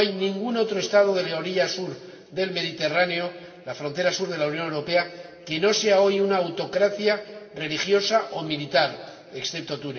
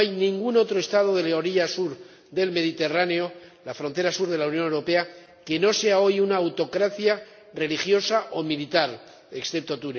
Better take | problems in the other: second | room echo; dies away in 2.6 s

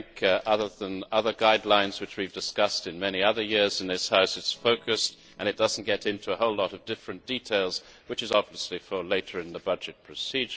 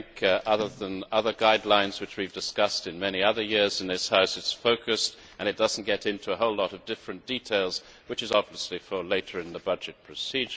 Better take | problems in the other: second | noise reduction (neural separator model SepFormer DNS4)

